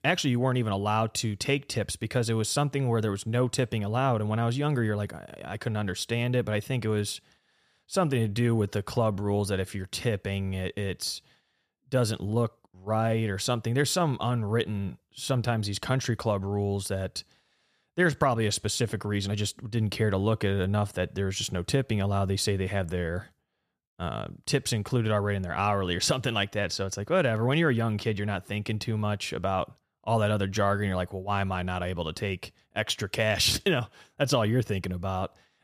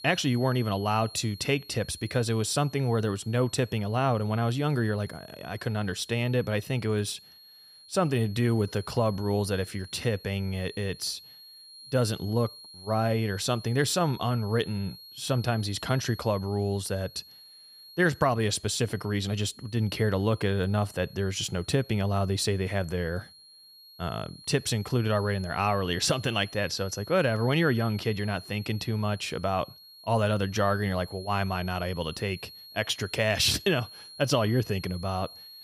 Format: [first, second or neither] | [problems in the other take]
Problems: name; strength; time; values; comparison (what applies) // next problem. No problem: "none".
first | high-pitched whine; noticeable; throughout; 4.5 kHz, 20 dB below the speech